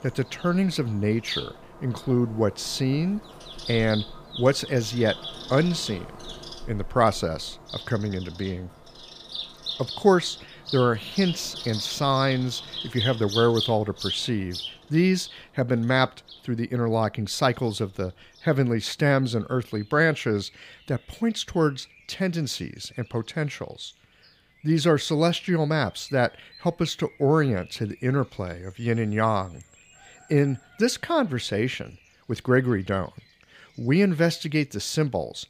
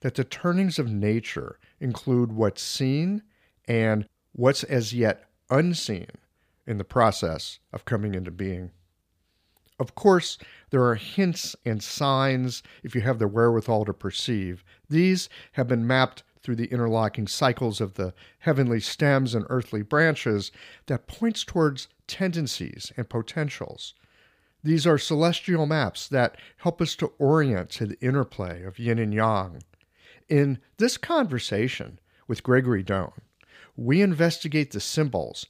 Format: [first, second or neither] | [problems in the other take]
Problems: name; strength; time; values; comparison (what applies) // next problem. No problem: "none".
second | animal sounds; noticeable; throughout; 10 dB below the speech